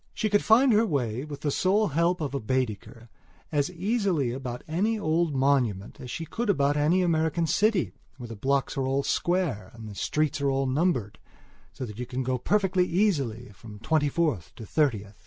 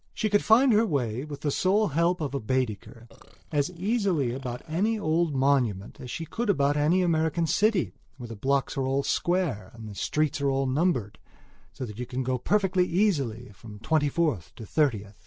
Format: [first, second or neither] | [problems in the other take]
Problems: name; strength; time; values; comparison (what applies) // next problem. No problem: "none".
first | noise reduction (neural separator model SepFormer DNS4)